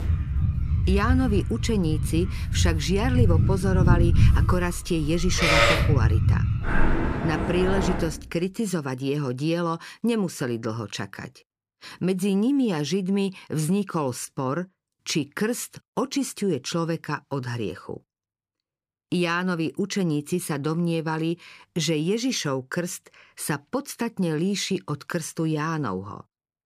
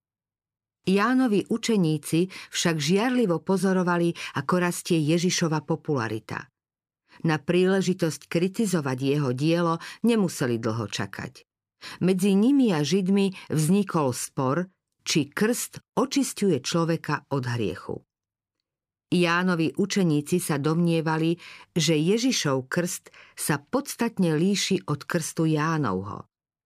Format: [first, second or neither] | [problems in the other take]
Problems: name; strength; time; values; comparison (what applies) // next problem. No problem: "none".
second | animal sounds; very loud; until 8 s; 3 dB above the speech